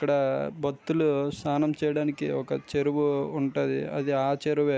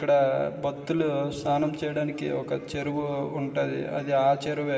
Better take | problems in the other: first | room echo; dies away in 2.4 s

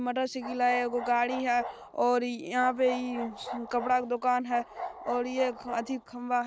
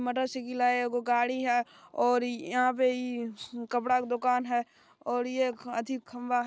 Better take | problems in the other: second | background sound (Bark); 11 dB below the speech

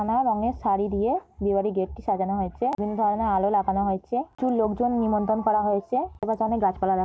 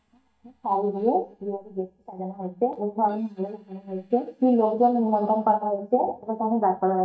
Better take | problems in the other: first | noise reduction (neural mask model DeepFilterNet 3)

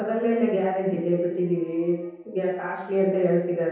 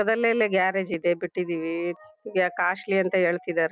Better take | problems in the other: second | room echo; dies away in 0.9 s

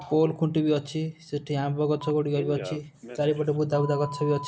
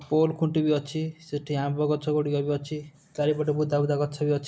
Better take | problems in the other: second | background sound (Telephone); 15 dB below the speech

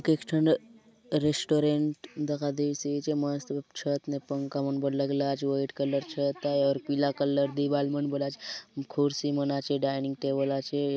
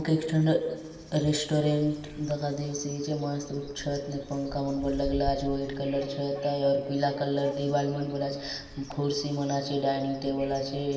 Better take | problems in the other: first | background sound (Bird); 16 dB below the speech // room echo; dies away in 2.1 s

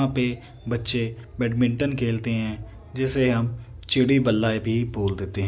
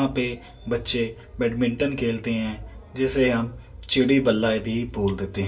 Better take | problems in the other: first | room echo; dies away in 0.1 s

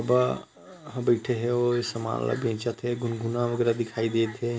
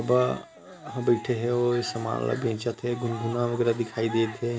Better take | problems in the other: first | background sound (Cheering); 17 dB below the speech

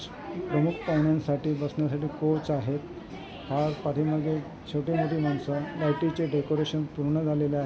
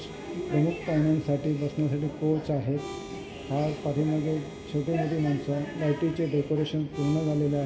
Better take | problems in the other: first | background sound (Harmonica); 17 dB below the speech // room echo; dies away in 1.3 s

